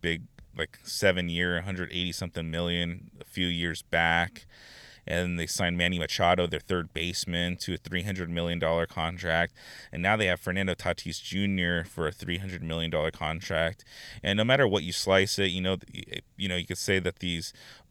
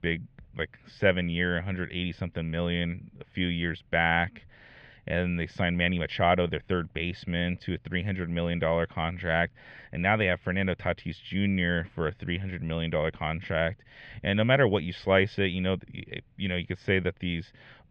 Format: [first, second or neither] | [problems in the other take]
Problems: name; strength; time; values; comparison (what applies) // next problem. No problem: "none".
first | muffled; very; fading above 2.5 kHz